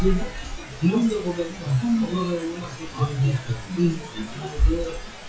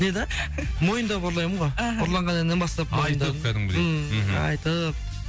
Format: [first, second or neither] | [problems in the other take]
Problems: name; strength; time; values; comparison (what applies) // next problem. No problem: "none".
second | noise reduction (classical method WPE with log-MMSE)